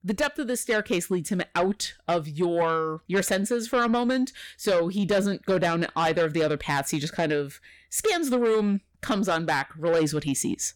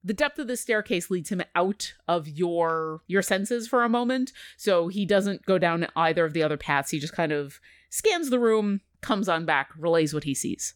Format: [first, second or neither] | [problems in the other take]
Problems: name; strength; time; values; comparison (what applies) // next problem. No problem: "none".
second | distortion; slight; 10 dB below the speech